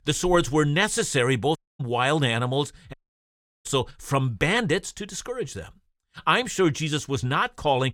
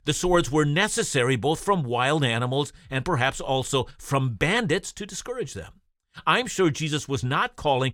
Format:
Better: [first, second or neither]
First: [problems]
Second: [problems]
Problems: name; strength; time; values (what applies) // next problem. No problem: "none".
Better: second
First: audio cutting out; at 1.5 s and at 3 s for 0.5 s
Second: none